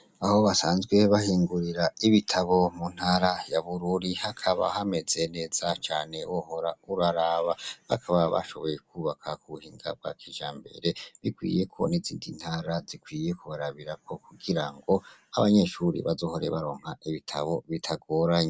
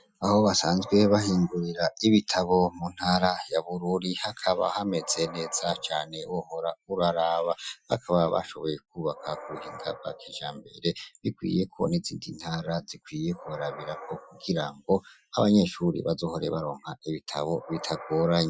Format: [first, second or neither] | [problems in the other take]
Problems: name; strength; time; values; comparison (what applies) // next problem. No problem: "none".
first | noise reduction (classical method Wiener filter)